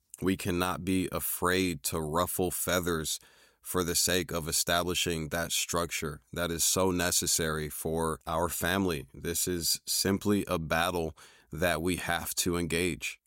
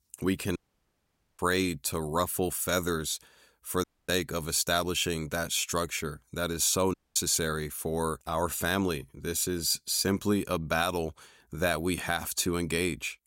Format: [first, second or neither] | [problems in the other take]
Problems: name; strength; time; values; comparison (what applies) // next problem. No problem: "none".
first | audio cutting out; at 0.5 s for 1 s, at 4 s and at 7 s